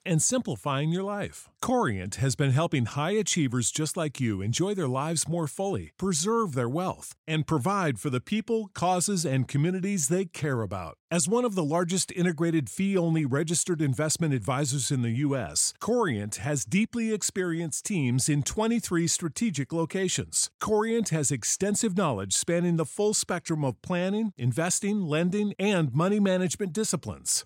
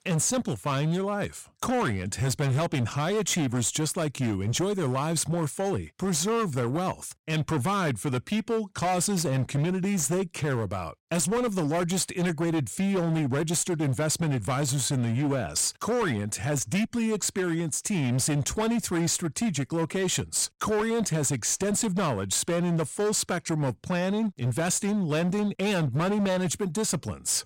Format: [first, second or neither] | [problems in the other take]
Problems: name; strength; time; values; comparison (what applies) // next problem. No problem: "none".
first | distortion; slight; 22% of the sound clipped